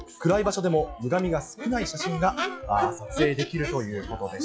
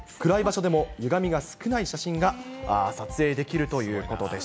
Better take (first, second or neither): second